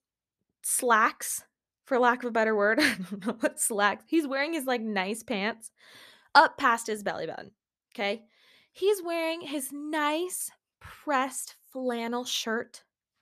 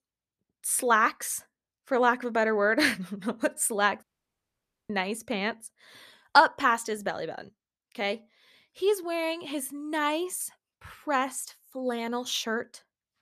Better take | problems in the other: first | audio cutting out; at 4 s for 1 s

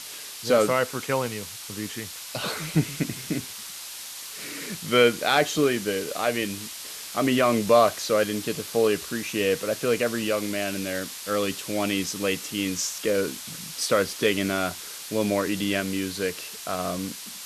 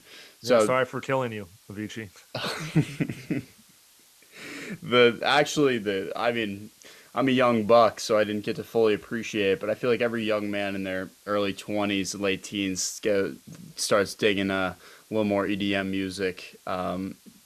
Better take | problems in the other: second | hiss; loud; throughout; 10 dB below the speech; faint in the second

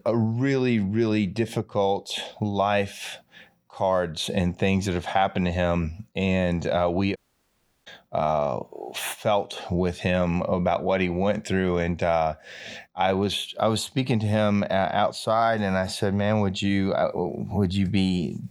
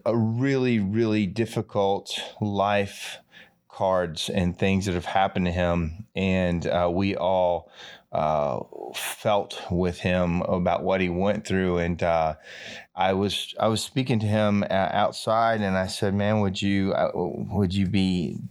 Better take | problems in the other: second | audio cutting out; at 7 s for 0.5 s

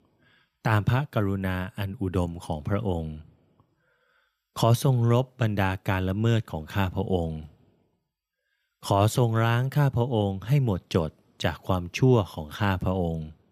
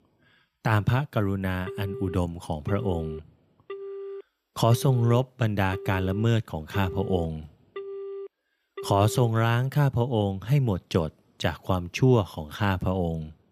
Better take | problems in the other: first | phone ringing; faint; from 1.5 to 9.5 s; peak 10 dB below the speech

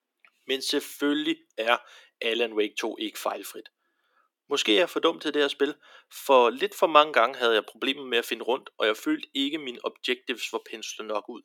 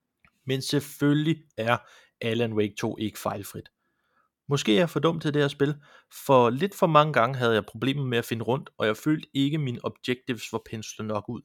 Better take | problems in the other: second | thin; somewhat; fading below 300 Hz

